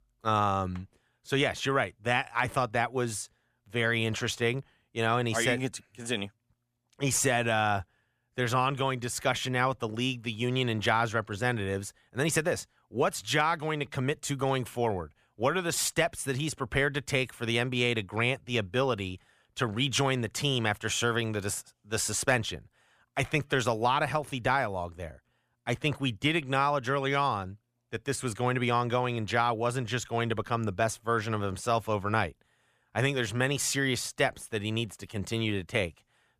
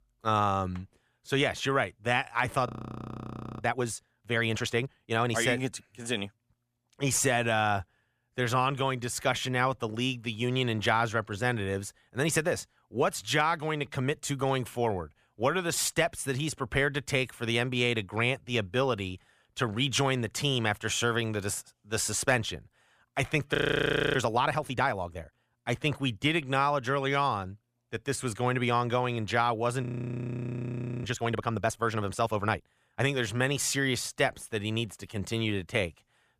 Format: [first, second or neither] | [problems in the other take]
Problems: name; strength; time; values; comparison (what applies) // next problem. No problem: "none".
first | audio freezing; at 2.5 s for 1 s, at 24 s for 0.5 s and at 30 s for 1 s